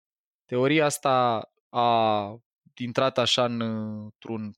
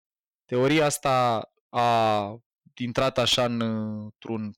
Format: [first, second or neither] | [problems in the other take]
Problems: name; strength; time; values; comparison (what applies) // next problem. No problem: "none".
first | distortion; slight; 4% of the sound clipped